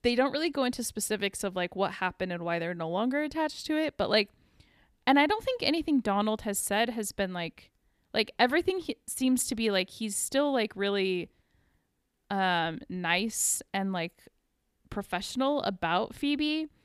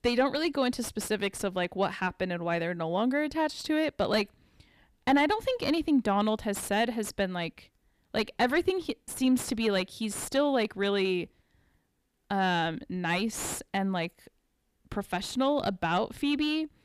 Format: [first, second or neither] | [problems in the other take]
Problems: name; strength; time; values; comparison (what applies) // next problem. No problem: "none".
first | distortion; slight; 10 dB below the speech